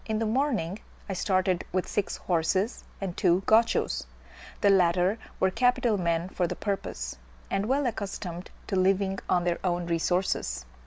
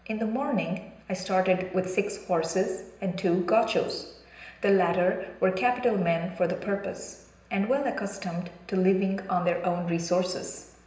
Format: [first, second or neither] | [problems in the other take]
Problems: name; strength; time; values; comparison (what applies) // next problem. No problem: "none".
first | room echo; dies away in 0.9 s